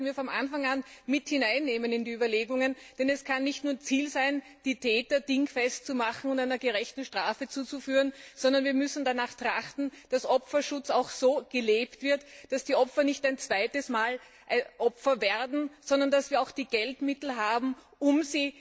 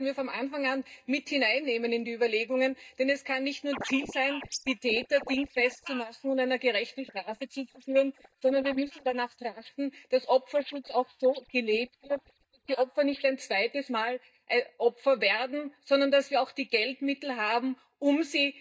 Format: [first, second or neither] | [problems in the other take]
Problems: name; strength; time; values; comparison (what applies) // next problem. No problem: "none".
first | noise reduction (neural mask model DeepFilterNet 3)